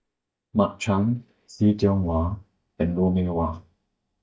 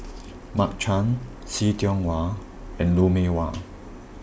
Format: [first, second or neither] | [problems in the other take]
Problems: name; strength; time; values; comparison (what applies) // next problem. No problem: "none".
second | noise reduction (neural mask model DeepFilterNet 3)